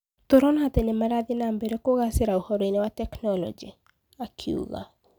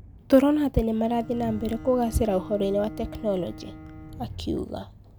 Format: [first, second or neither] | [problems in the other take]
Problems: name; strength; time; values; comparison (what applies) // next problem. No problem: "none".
first | background sound (Bowed string instrument + Train); 14 dB below the speech